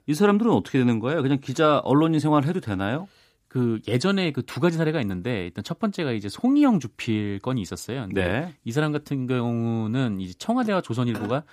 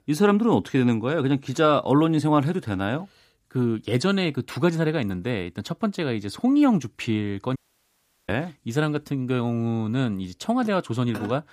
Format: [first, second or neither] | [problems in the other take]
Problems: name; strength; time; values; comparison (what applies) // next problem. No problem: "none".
first | audio cutting out; at 7.5 s for 0.5 s